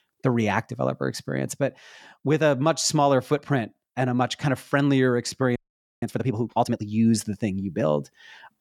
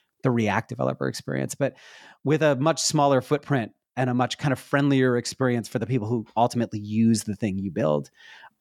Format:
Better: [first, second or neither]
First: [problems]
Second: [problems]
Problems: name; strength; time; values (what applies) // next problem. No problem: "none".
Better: second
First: audio freezing; at 5.5 s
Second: none